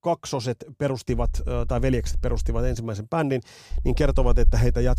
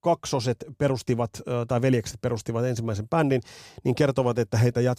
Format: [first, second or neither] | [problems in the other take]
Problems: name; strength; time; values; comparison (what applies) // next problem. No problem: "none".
second | low rumble; faint; from 1 to 2.5 s and from 3.5 s on; 25 dB below the speech